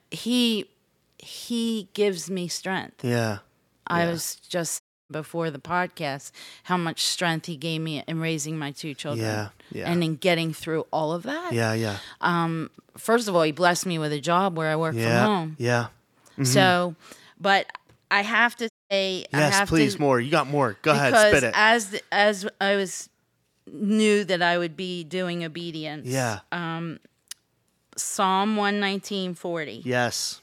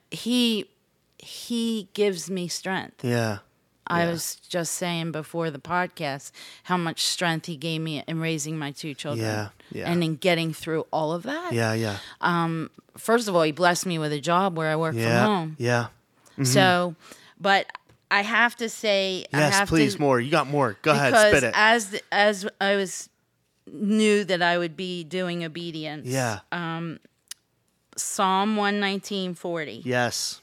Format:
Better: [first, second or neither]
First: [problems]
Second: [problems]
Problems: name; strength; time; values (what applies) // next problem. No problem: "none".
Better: second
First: audio cutting out; at 5 s and at 19 s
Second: none